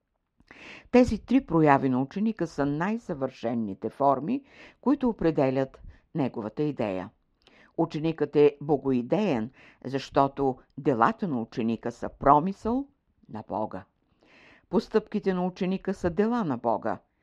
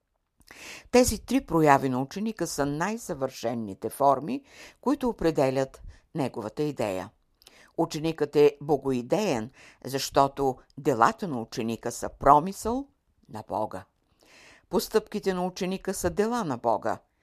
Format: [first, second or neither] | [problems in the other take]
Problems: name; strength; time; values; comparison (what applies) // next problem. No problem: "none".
second | muffled; slightly; fading above 3 kHz